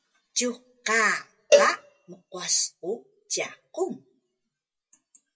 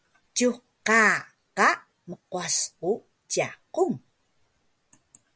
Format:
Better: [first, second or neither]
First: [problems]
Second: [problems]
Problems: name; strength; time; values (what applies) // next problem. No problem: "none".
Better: second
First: noise reduction (classical method WPE with log-MMSE)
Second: none